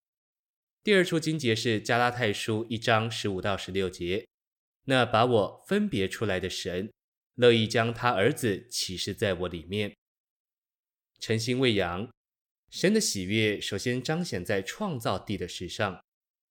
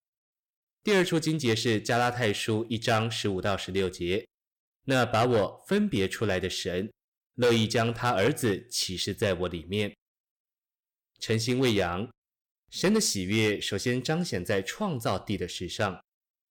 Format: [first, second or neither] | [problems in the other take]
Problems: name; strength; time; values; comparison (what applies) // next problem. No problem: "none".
first | distortion; slight; 4% of the sound clipped